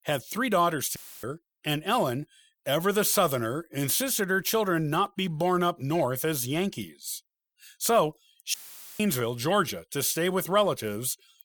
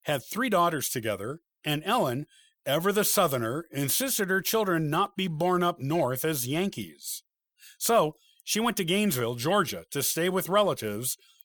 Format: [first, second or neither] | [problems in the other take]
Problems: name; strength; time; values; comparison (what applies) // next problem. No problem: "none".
second | audio cutting out; filled with static; at 1 s and at 8.5 s